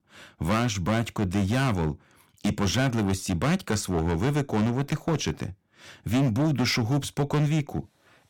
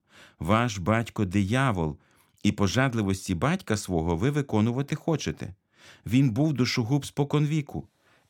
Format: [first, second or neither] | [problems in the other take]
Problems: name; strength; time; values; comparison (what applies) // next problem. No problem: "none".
second | distortion; heavy; 11% of the sound clipped